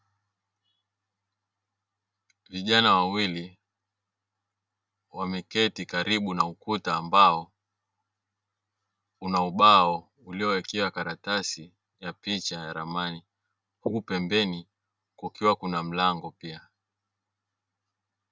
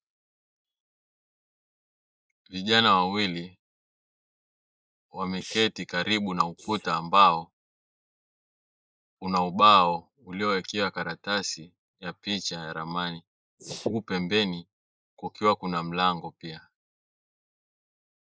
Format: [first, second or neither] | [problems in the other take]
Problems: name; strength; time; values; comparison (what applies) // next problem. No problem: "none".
first | noise reduction (neural mask model Resemble Enhance denoiser)